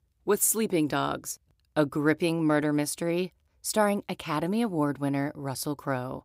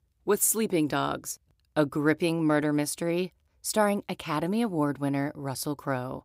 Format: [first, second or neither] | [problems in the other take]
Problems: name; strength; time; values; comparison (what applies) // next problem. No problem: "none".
neither | none